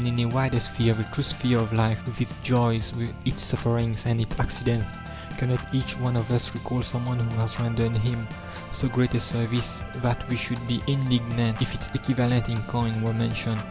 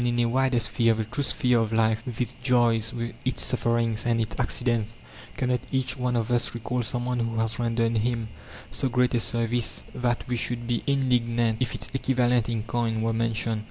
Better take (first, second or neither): second